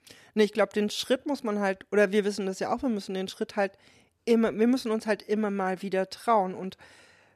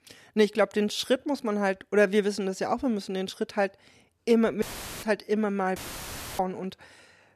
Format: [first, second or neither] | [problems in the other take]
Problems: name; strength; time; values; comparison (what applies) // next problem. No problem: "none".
first | audio cutting out; filled with static; at 4.5 s and at 6 s for 0.5 s